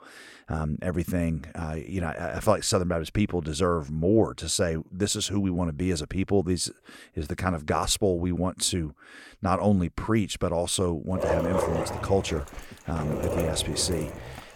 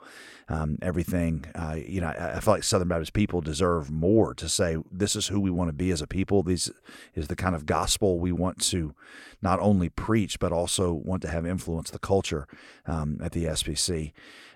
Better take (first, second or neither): second